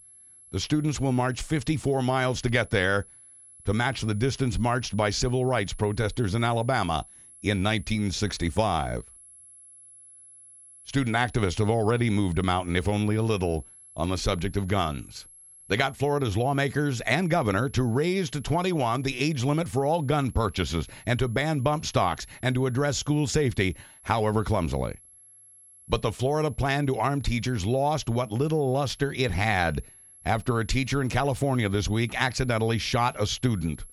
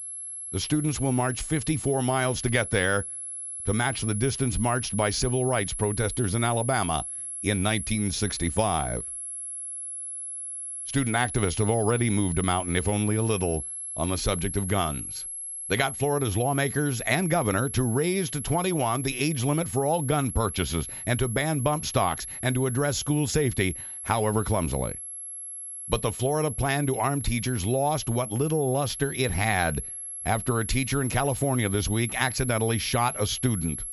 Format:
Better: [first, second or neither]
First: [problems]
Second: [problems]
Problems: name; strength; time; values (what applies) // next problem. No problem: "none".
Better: first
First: high-pitched whine; faint; throughout; 11 kHz, 20 dB below the speech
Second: high-pitched whine; loud; throughout; 11 kHz, 7 dB below the speech